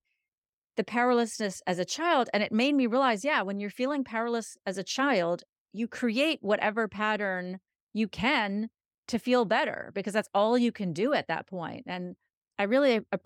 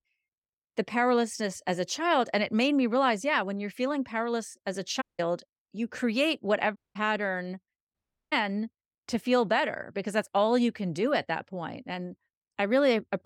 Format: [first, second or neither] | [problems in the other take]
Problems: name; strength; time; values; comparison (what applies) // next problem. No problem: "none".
first | audio cutting out; at 5 s, at 7 s and at 8 s